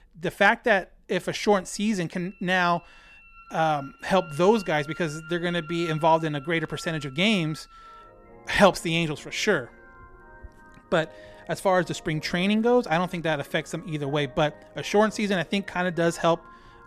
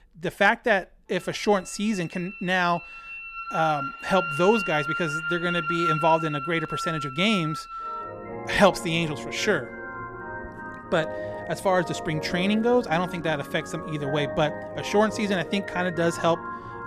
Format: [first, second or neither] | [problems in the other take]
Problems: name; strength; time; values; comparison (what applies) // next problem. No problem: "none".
first | background music; loud; throughout; 7 dB below the speech; faint in the first